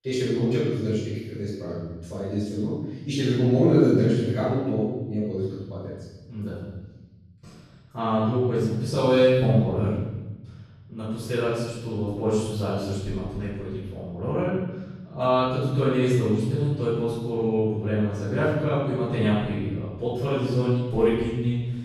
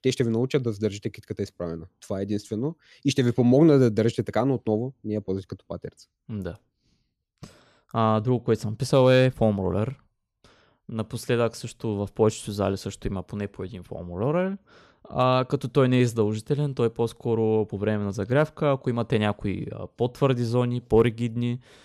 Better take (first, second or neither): second